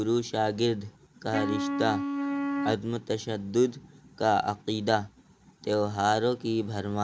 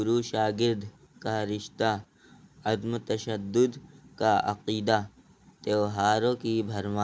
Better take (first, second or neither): second